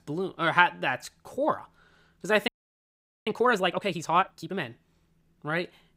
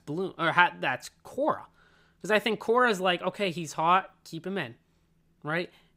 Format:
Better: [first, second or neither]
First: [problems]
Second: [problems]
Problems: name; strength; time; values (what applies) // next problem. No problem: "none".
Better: second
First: audio freezing; at 2.5 s for 1 s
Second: none